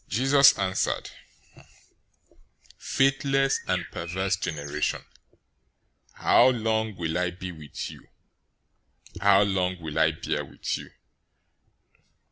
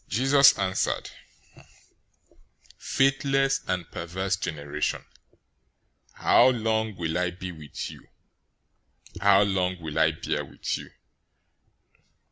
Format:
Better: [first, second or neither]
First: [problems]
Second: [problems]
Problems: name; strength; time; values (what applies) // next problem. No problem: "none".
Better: second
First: background sound (Bird); 10 dB below the speech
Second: none